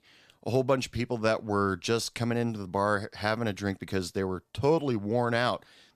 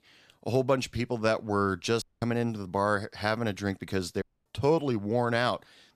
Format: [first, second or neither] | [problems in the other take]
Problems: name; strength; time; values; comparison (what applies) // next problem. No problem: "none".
first | audio cutting out; at 2 s and at 4 s